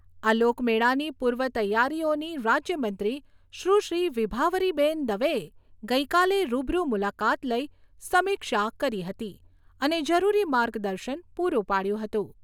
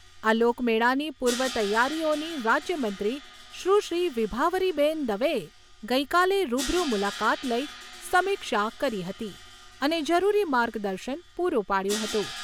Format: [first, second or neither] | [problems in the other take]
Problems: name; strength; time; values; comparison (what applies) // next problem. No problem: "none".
first | background sound (Crash cymbal); 15 dB below the speech